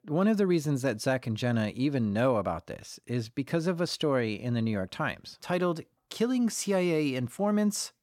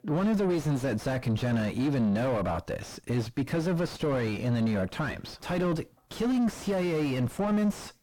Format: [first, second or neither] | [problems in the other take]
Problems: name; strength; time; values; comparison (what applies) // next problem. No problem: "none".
first | distortion; heavy; 4 dB below the speech